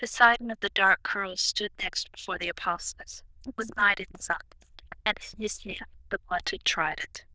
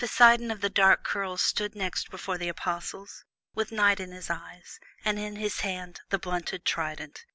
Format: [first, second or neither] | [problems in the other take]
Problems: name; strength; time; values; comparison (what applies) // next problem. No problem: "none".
second | noise reduction (neural diffusion model UNIVERSE++)